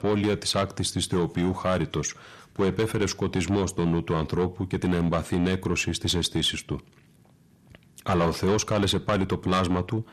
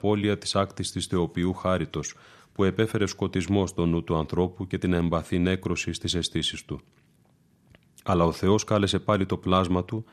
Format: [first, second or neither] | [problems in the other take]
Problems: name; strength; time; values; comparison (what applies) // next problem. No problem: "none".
second | distortion; heavy; 8 dB below the speech